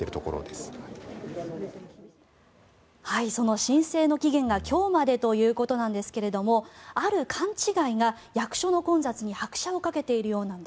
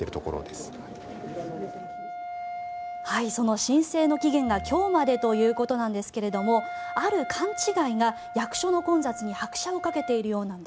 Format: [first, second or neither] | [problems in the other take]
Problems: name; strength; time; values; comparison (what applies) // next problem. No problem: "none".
first | background sound (Wind instrument, woodwind instrument); 11 dB below the speech